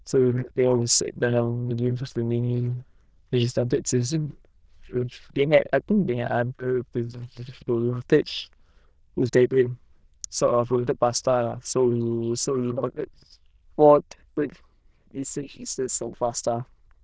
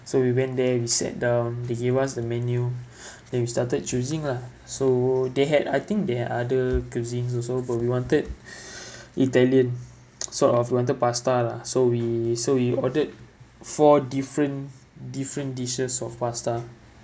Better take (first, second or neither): second